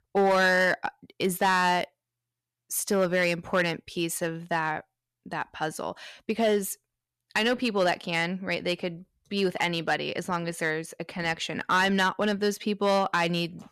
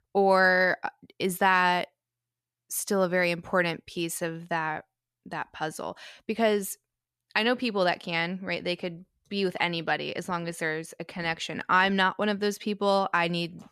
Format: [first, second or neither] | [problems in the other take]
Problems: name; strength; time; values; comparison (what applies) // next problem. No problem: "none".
second | distortion; slight; 3% of the sound clipped